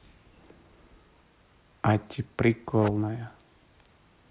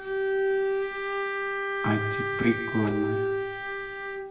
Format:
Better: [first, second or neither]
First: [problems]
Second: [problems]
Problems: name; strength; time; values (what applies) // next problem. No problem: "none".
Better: first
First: none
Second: background sound (Bowed string instrument); 3 dB above the speech // room echo; dies away in 0.9 s